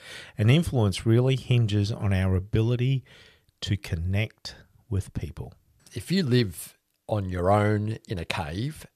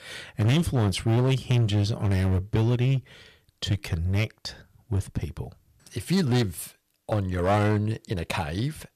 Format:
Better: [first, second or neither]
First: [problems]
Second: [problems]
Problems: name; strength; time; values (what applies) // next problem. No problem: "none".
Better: first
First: none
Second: distortion; slight; 10% of the sound clipped